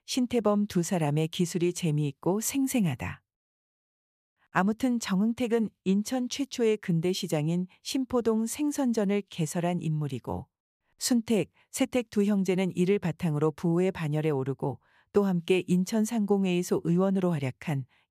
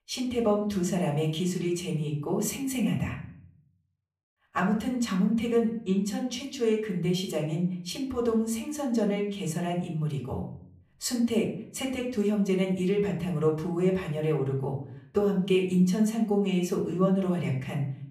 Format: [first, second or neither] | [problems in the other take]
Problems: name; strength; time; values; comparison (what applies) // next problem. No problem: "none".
first | off-mic speech; far // room echo; slight; dies away in 0.5 s